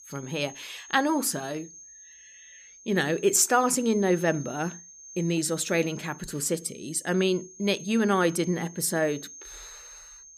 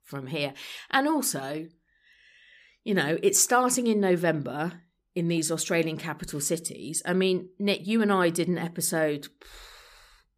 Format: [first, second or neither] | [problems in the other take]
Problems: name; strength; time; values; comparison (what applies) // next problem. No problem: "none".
second | high-pitched whine; noticeable; throughout; 6.5 kHz, 15 dB below the speech